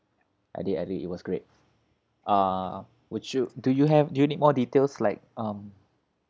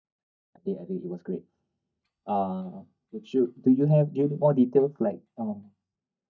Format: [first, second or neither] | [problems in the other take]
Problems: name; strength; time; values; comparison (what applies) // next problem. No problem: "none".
first | noise reduction (neural mask model DeepFilterNet 3)